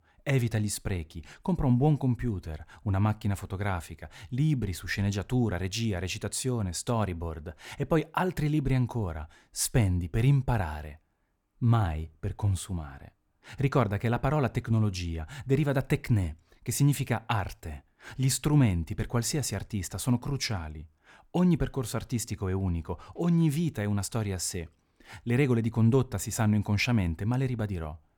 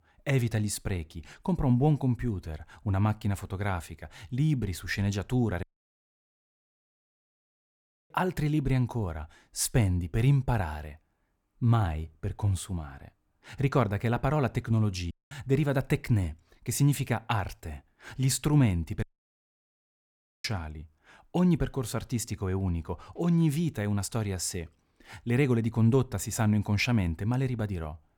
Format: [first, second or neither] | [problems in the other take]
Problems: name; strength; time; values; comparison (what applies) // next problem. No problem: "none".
first | audio cutting out; at 5.5 s for 2.5 s, at 15 s and at 19 s for 1.5 s